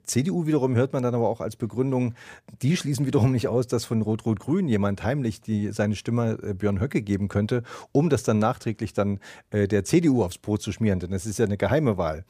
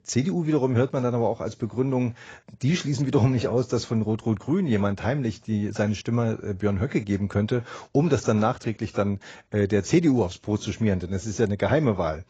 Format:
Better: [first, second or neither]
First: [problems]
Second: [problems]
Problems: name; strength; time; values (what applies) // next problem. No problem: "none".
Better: first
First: none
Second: garbled, watery; badly; nothing above 7.5 kHz